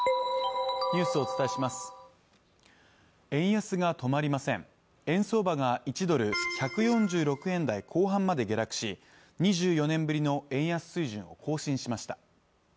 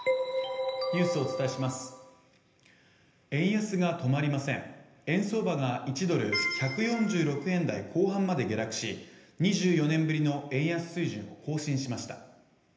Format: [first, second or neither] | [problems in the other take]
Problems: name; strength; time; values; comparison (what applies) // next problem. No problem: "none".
first | room echo; dies away in 0.8 s